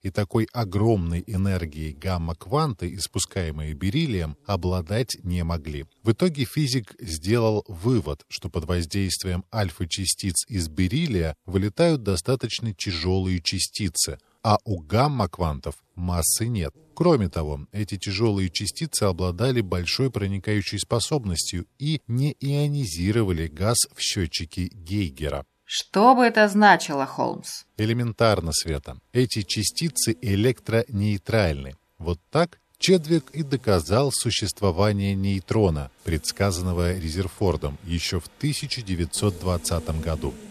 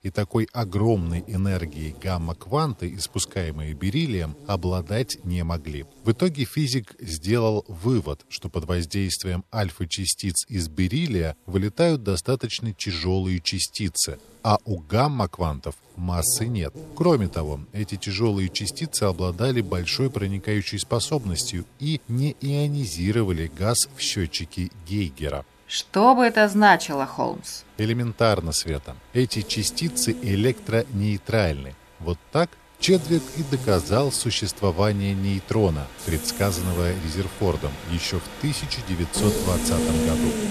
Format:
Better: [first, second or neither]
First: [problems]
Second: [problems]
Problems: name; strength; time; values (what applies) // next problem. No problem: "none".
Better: first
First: animal sounds; faint; throughout; 25 dB below the speech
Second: animal sounds; loud; throughout; 10 dB below the speech